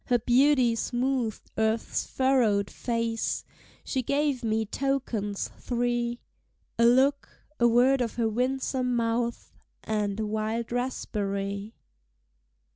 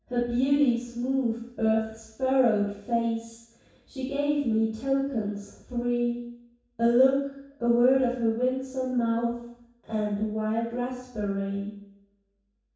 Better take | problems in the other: first | room echo; dies away in 0.7 s

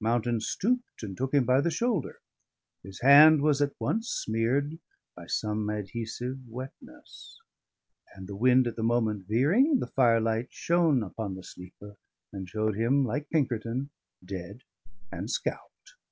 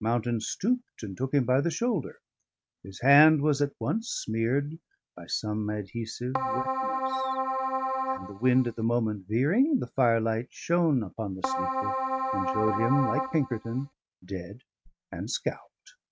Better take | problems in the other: first | noise reduction (neural mask model RNNoise)

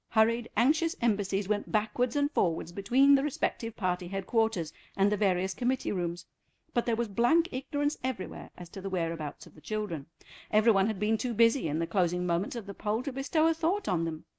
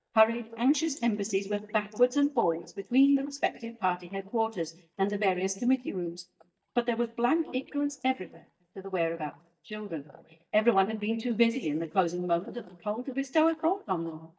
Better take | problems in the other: first | noise reduction (neural mask model DeepFilterNet 3)

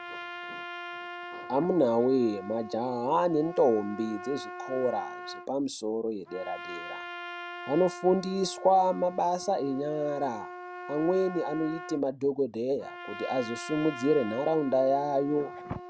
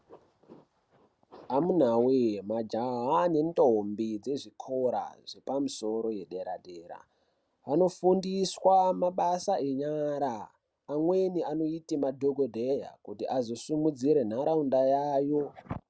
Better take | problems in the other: second | background sound (Trumpet); 12 dB below the speech

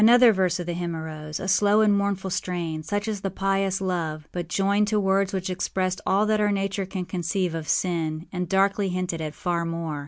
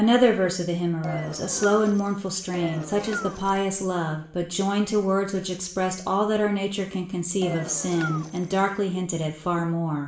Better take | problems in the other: first | background sound (Engine); 11 dB below the speech // room echo; dies away in 0.5 s

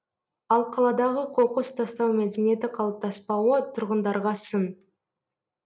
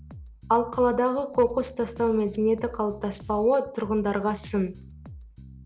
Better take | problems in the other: first | background sound (Bass guitar); 18 dB below the speech

